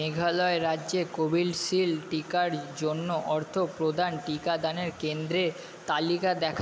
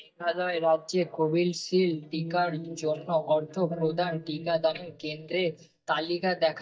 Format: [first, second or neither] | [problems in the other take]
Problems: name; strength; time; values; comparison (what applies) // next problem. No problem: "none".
first | noise reduction (neural mask model DeepFilterNet 3)